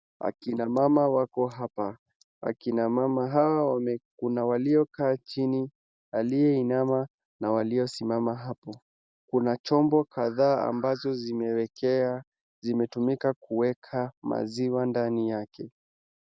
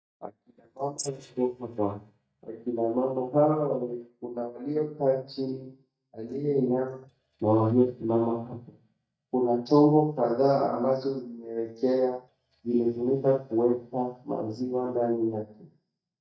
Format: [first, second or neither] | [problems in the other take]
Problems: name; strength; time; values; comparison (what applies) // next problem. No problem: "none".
first | noise reduction (neural mask model DeepFilterNet 3)